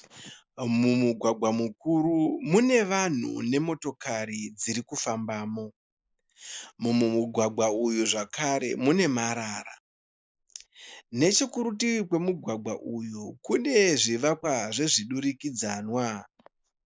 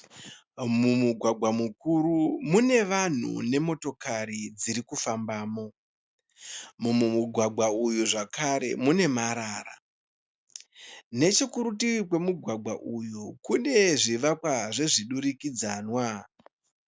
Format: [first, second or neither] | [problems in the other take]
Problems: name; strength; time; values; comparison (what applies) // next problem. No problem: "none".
second | noise reduction (neural mask model Resemble Enhance denoiser)